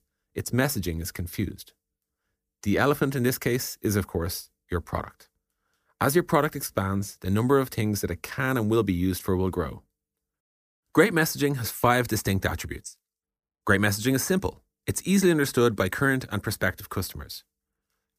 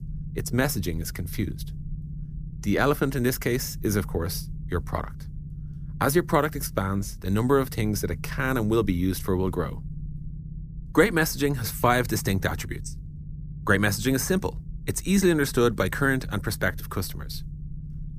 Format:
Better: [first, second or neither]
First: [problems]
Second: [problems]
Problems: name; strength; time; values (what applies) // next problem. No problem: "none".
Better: first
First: none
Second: low rumble; faint; throughout; 25 dB below the speech